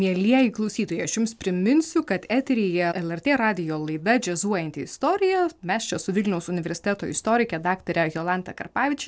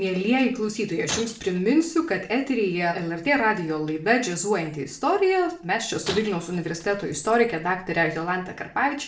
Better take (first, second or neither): first